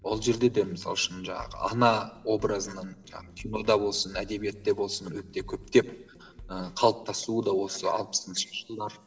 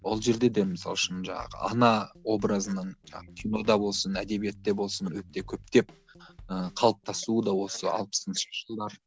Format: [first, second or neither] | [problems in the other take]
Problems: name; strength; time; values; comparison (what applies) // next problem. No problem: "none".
second | room echo; dies away in 2.3 s